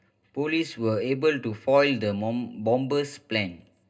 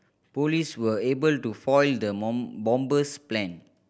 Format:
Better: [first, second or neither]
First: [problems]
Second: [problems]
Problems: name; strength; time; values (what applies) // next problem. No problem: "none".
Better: second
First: room echo; dies away in 0.2 s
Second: none